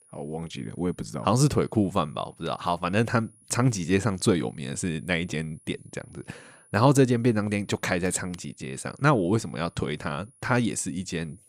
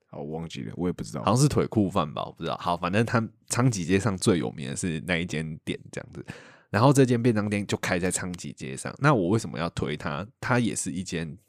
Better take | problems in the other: second | high-pitched whine; faint; throughout; 10.5 kHz, 30 dB below the speech

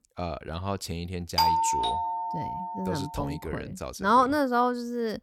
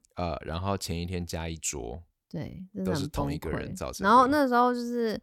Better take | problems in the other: second | doorbell; loud; from 1.5 to 3 s; peak 6 dB above the speech

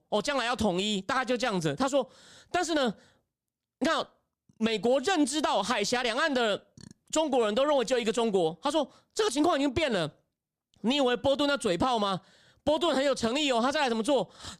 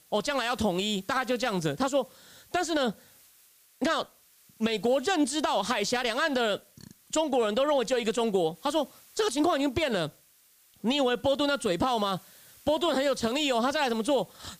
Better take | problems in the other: first | hiss; faint; throughout; 25 dB below the speech

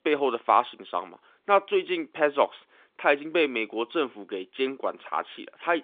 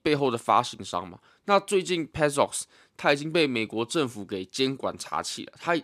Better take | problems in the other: second | phone-call audio; nothing above 3.5 kHz

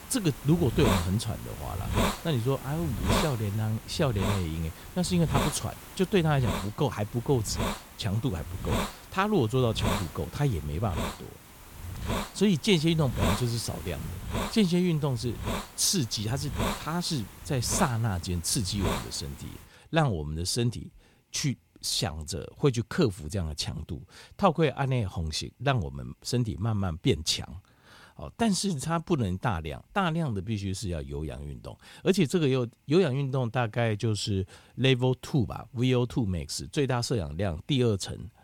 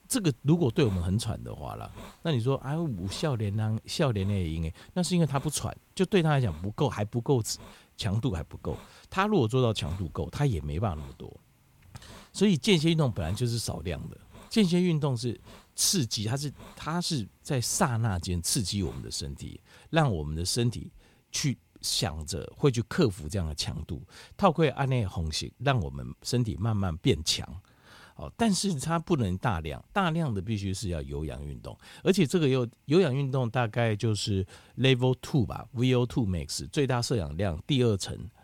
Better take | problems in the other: second | hiss; loud; until 20 s; 5 dB below the speech; faint in the second

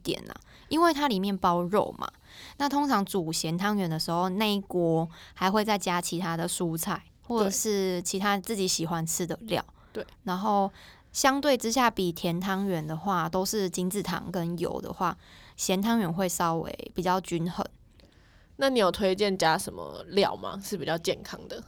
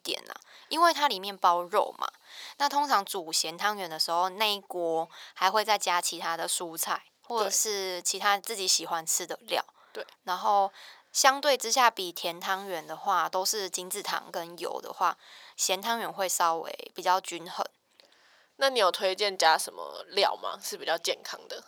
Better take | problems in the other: first | thin; very; fading below 700 Hz

